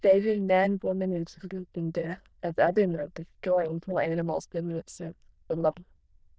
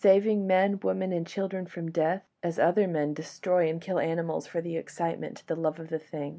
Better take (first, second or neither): second